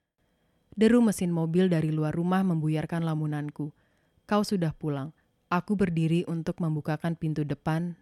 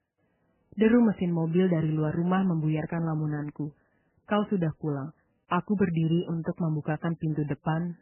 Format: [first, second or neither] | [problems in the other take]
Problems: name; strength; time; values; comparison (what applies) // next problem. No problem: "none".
first | garbled, watery; badly; nothing above 3 kHz